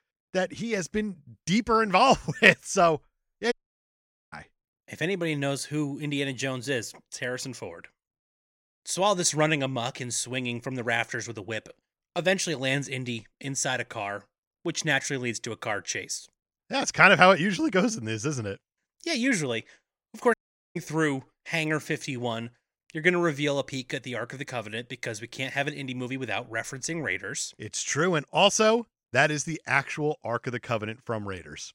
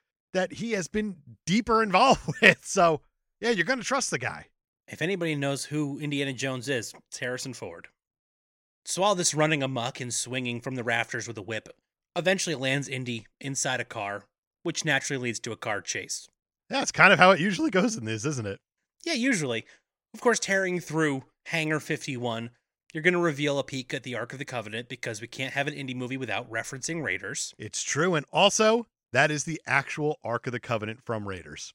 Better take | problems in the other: second | audio cutting out; at 3.5 s for 1 s and at 20 s

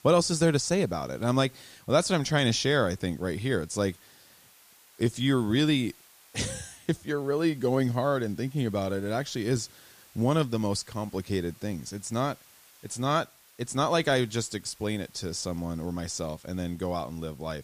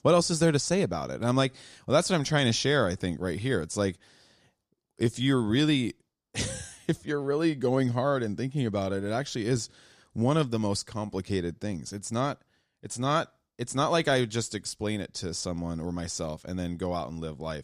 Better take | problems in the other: second | hiss; faint; throughout; 25 dB below the speech

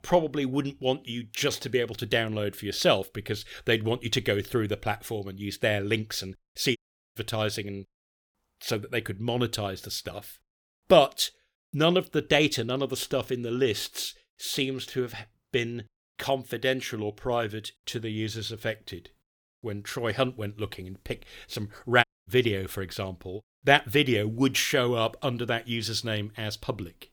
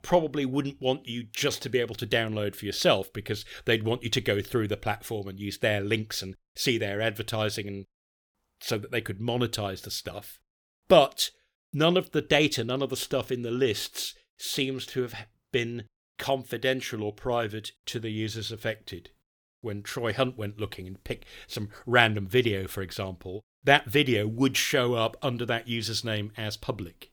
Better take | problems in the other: second | audio cutting out; at 7 s and at 22 s

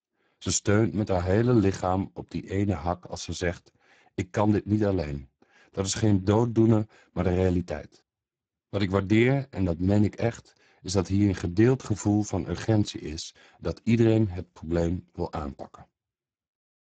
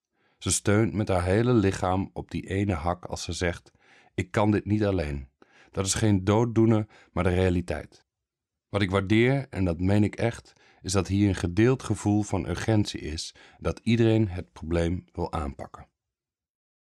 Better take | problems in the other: second | garbled, watery; badly; nothing above 7.5 kHz

